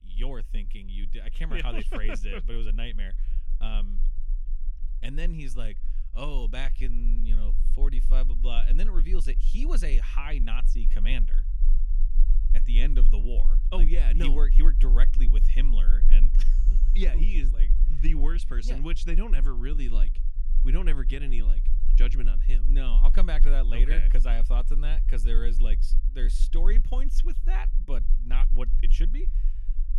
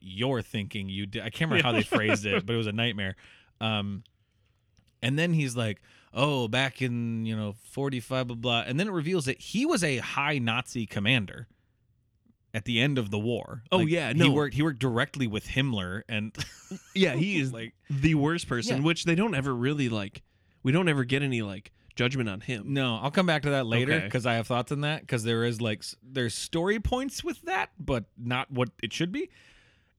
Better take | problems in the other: second | low rumble; noticeable; throughout; 15 dB below the speech

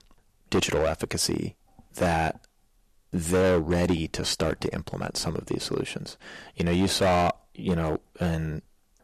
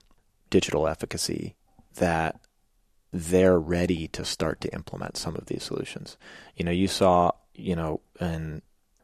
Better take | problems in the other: second | distortion; heavy; 7% of the sound clipped

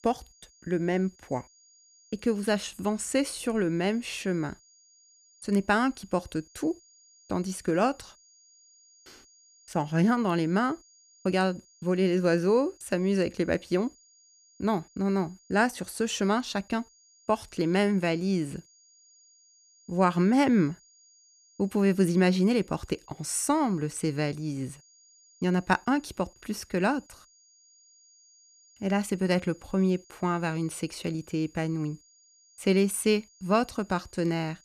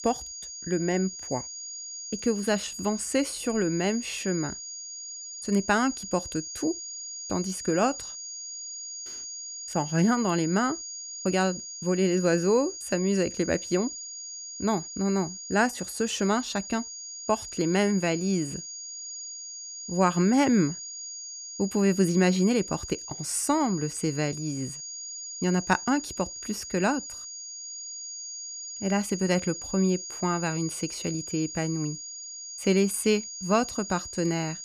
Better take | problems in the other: first | high-pitched whine; loud; throughout; 6.5 kHz, 9 dB below the speech; faint in the first

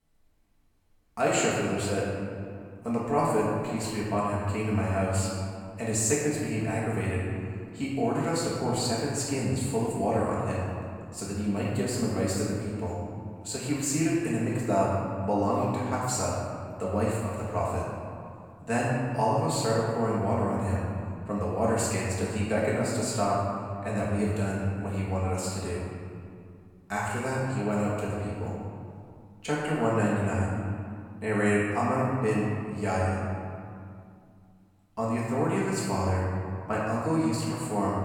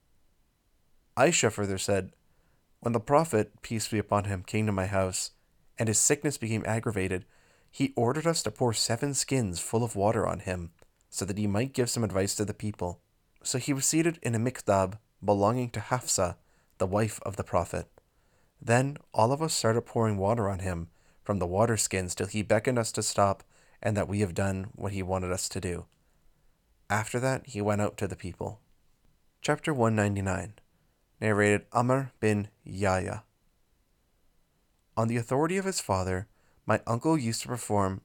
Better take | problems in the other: second | off-mic speech; far // room echo; strong; dies away in 2.2 s

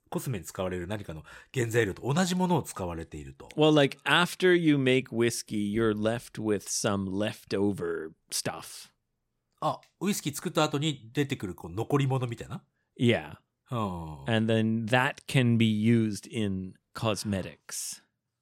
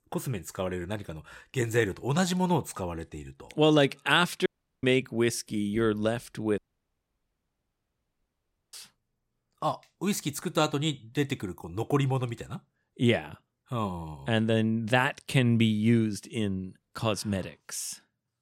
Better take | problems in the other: first | audio cutting out; at 4.5 s and at 6.5 s for 2 s

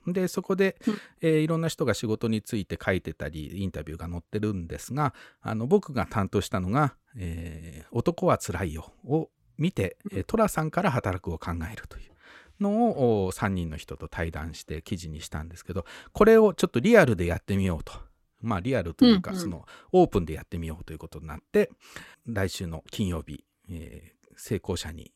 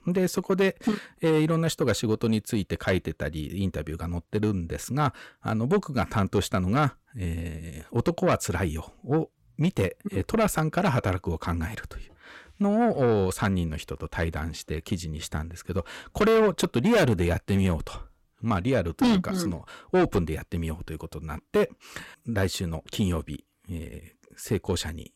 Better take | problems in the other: first | distortion; heavy; 8 dB below the speech

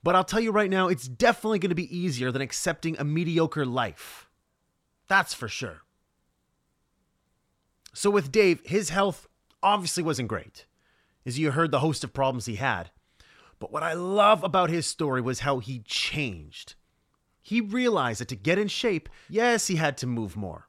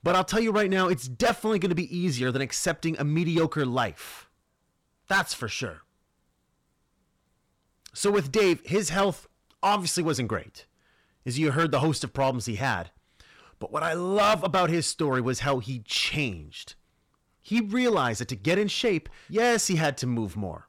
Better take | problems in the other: first | distortion; slight; 4% of the sound clipped

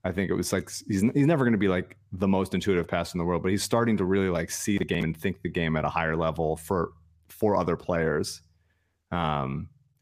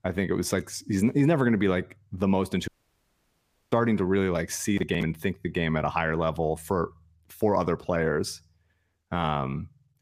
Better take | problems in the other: first | audio cutting out; at 2.5 s for 1 s

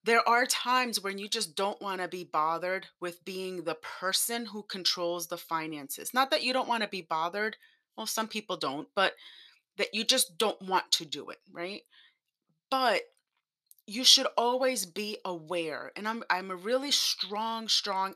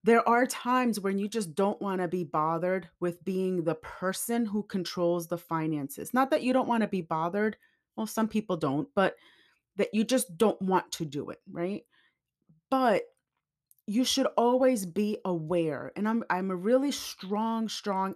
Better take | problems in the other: second | thin; somewhat; fading below 1 kHz

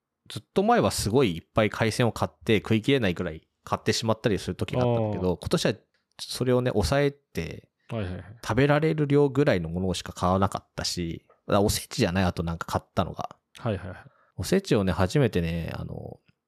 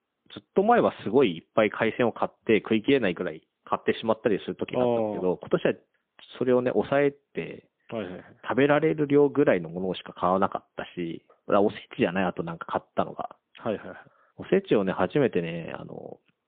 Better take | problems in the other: first | phone-call audio; poor line; nothing above 3.5 kHz

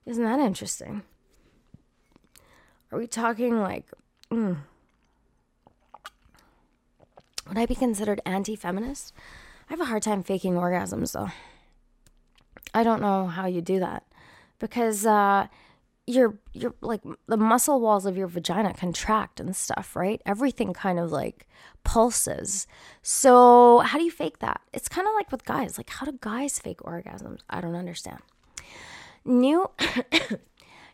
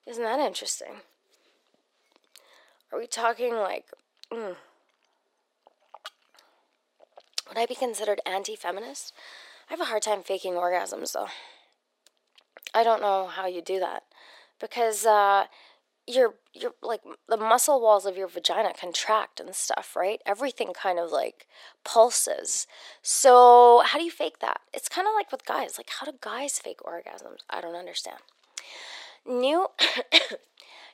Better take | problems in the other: first | thin; very; fading below 350 Hz

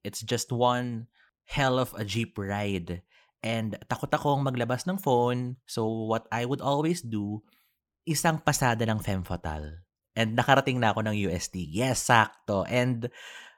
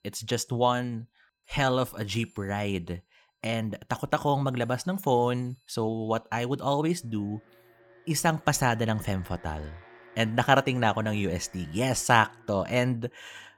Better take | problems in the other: first | alarms or sirens; faint; throughout; 25 dB below the speech

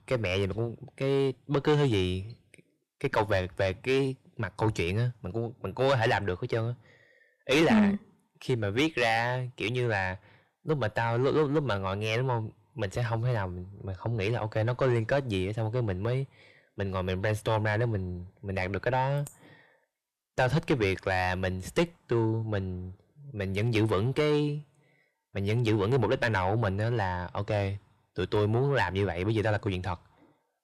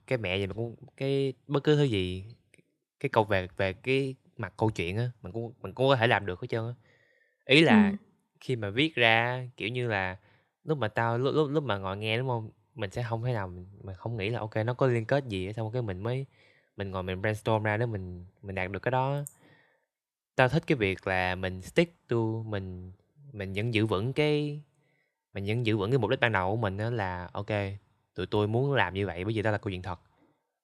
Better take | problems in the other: second | distortion; heavy; 6 dB below the speech

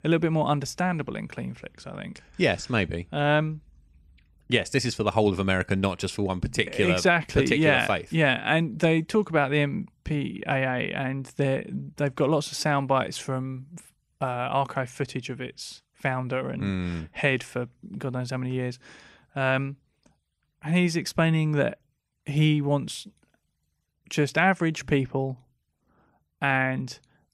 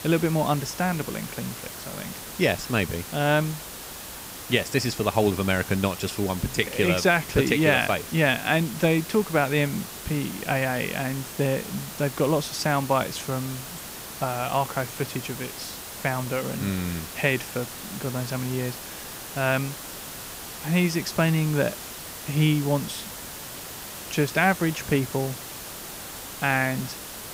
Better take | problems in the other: first | hiss; noticeable; throughout; 10 dB below the speech

